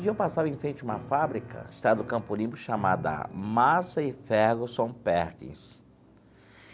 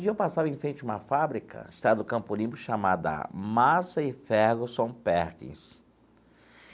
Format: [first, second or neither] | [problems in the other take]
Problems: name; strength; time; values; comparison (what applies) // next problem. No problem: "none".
second | background sound (Piano); 17 dB below the speech